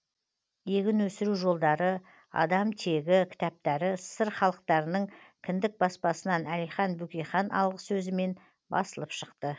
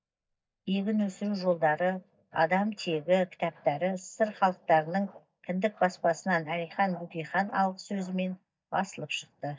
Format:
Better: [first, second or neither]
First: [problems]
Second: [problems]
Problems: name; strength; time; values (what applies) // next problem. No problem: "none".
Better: first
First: none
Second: noise reduction (neural mask model DeepFilterNet 3)